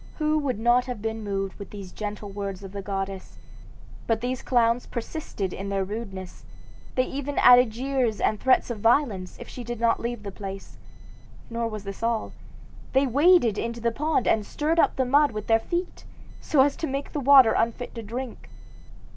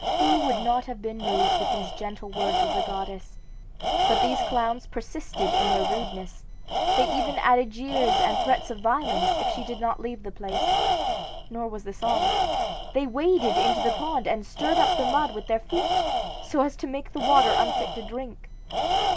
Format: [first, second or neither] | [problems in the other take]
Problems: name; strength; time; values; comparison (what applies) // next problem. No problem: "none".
first | background sound (Tools); 1 dB above the speech